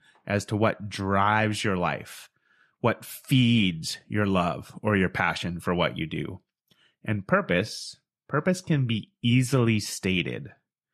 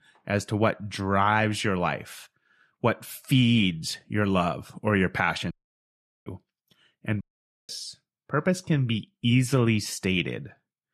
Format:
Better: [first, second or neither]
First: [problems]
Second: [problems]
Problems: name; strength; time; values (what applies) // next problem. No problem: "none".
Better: first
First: none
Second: audio cutting out; at 5.5 s for 1 s and at 7 s